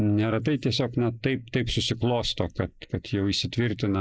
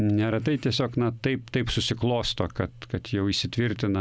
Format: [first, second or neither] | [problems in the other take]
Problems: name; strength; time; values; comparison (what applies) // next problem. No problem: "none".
second | noise reduction (neural mask model Resemble Enhance denoiser)